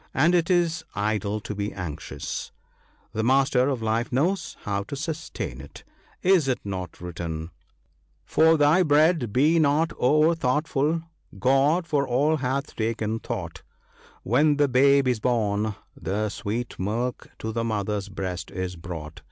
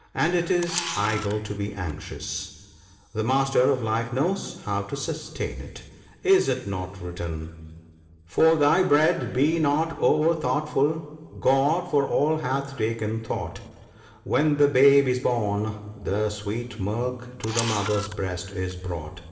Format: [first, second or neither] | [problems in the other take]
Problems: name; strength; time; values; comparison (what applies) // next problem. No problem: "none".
first | background sound (Camera); 10 dB below the speech // room echo; dies away in 2.5 s